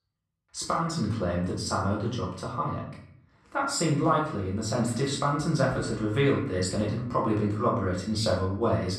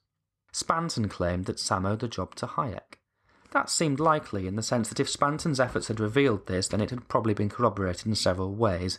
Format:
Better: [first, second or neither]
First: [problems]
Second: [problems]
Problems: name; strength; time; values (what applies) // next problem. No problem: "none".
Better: second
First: room echo; noticeable; dies away in 0.6 s // off-mic speech; far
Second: none